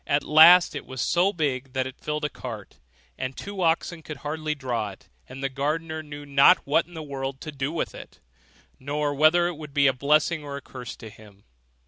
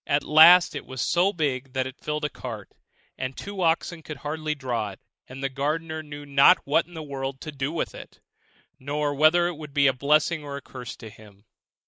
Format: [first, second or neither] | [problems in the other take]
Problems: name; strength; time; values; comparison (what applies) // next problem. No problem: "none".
first | noise reduction (neural mask model Resemble Enhance denoiser)